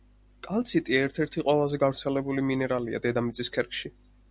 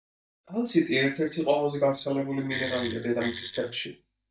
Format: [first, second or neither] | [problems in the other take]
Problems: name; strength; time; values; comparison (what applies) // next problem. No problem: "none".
first | noise reduction (neural mask model DeepFilterNet 3)